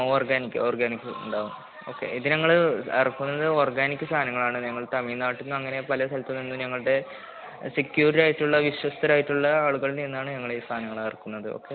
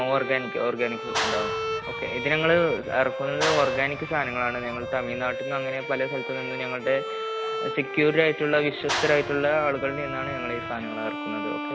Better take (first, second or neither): first